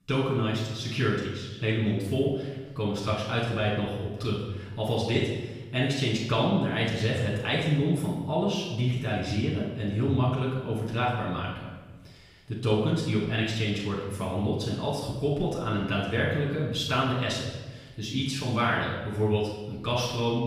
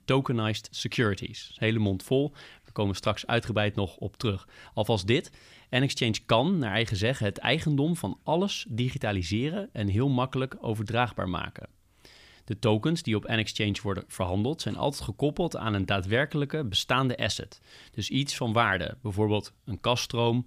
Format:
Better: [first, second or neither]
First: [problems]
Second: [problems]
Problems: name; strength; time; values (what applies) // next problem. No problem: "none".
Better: second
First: off-mic speech; far // room echo; noticeable; dies away in 1.1 s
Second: none